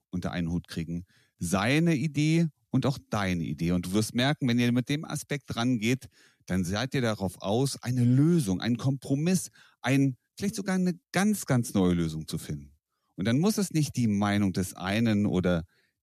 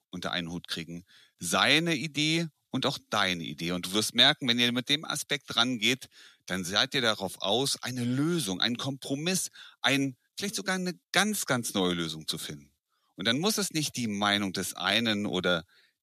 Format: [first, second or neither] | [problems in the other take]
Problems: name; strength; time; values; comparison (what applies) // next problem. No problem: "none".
first | thin; somewhat; fading below 1 kHz